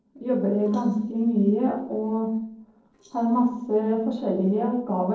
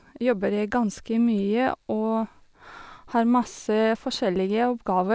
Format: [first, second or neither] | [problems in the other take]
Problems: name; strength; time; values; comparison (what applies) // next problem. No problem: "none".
second | noise reduction (neural separator model SepFormer DNS4)